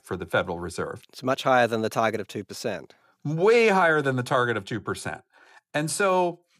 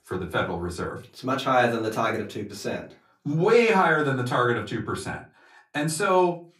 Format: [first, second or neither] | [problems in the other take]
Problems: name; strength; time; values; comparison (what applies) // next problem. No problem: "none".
first | off-mic speech; far // room echo; very slight; dies away in 0.2 s